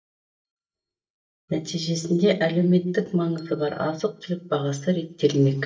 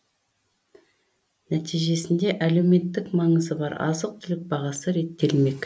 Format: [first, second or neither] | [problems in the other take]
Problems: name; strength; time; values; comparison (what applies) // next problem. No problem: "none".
second | noise reduction (neural mask model DeepFilterNet 3)